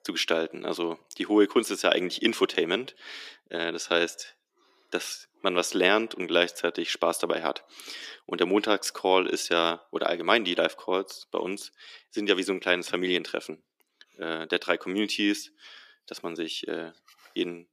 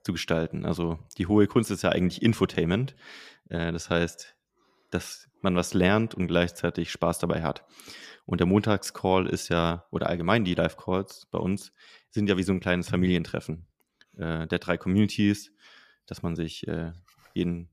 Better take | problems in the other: second | thin; somewhat; fading below 300 Hz

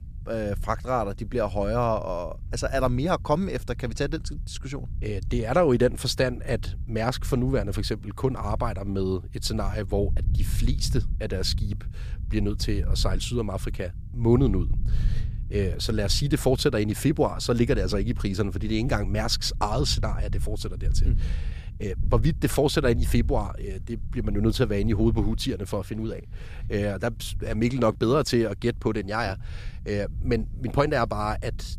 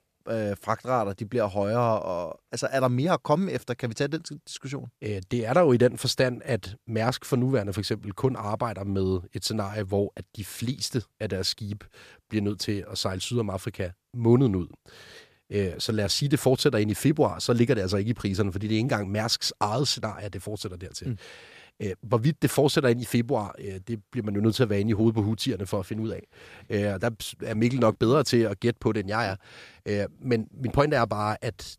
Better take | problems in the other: second | low rumble; faint; throughout; 20 dB below the speech

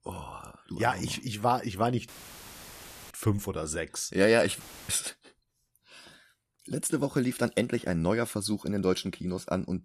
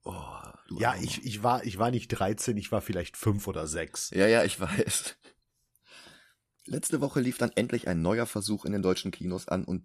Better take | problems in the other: second | audio cutting out; filled with static; at 2 s for 1 s and at 4.5 s

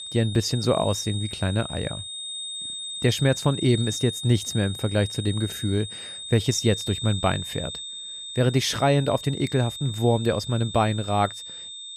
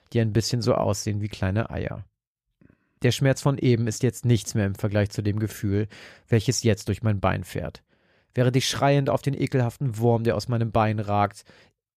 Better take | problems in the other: second | high-pitched whine; loud; throughout; 3.5 kHz, 8 dB below the speech

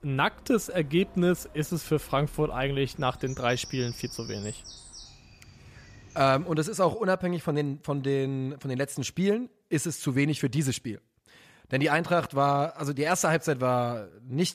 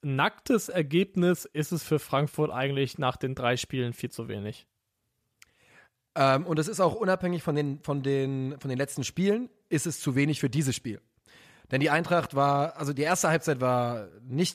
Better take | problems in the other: second | animal sounds; noticeable; until 6.5 s; 20 dB below the speech

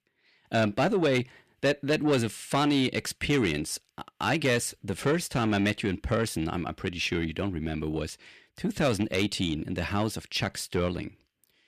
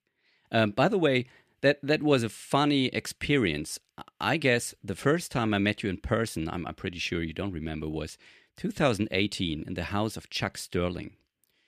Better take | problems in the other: second | distortion; slight; 10 dB below the speech

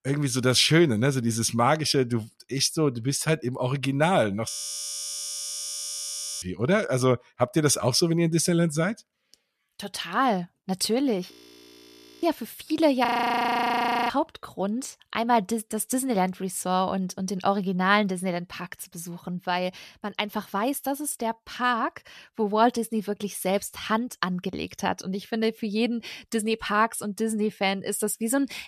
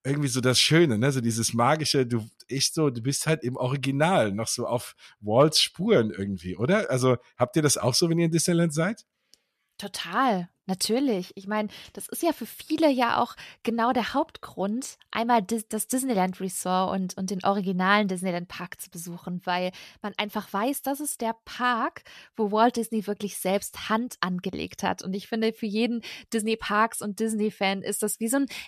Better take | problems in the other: second | audio freezing; at 4.5 s for 2 s, at 11 s for 1 s and at 13 s for 1 s

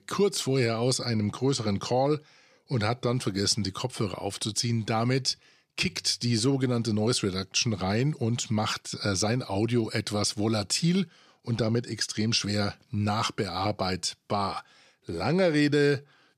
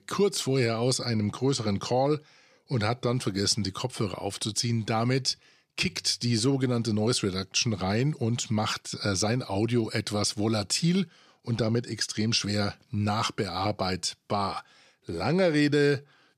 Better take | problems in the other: neither | none

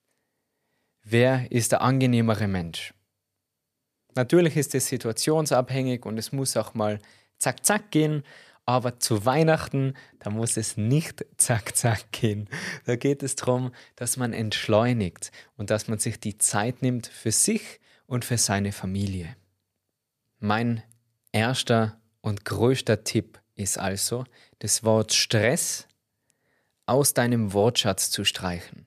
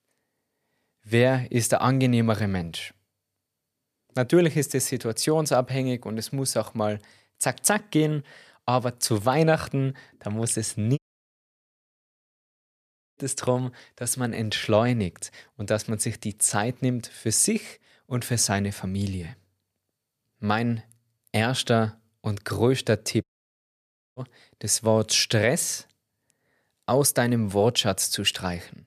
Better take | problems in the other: first | audio cutting out; at 11 s for 2 s and at 23 s for 1 s

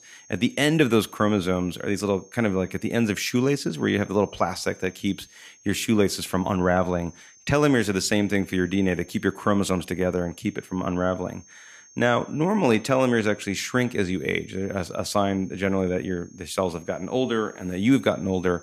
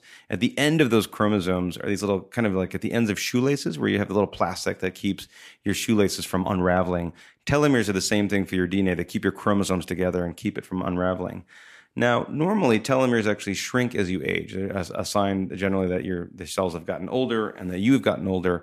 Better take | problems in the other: second | high-pitched whine; faint; throughout; 6.5 kHz, 25 dB below the speech

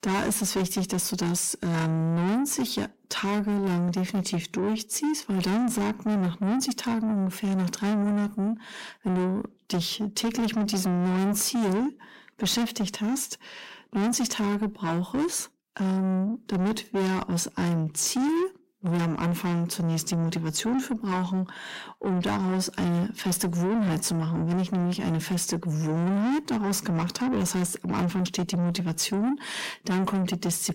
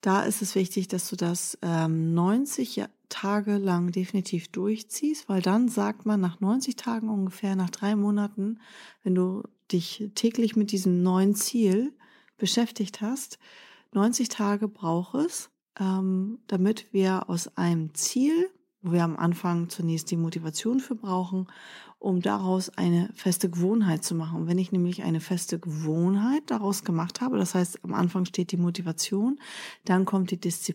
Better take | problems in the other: second | distortion; heavy; 7 dB below the speech

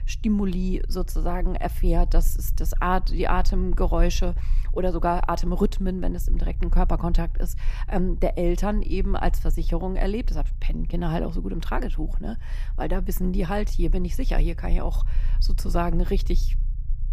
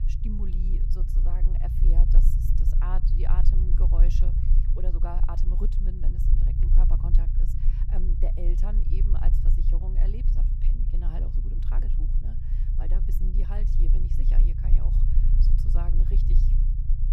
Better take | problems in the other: first | low rumble; loud; throughout; 1 dB below the speech; faint in the first

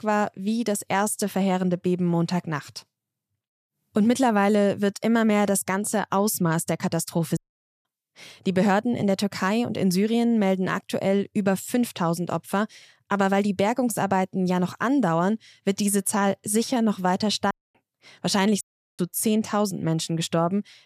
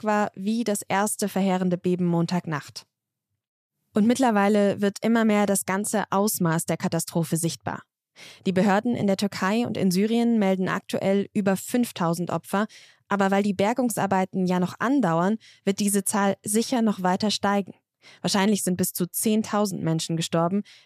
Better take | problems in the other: second | audio cutting out; at 7.5 s, at 18 s and at 19 s

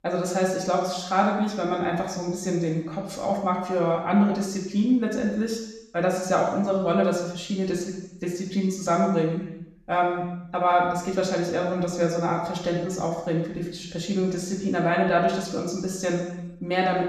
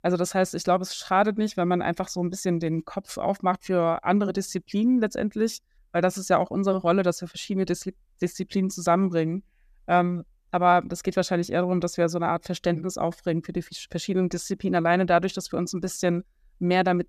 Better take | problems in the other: second | room echo; noticeable; dies away in 0.9 s // off-mic speech; somewhat distant

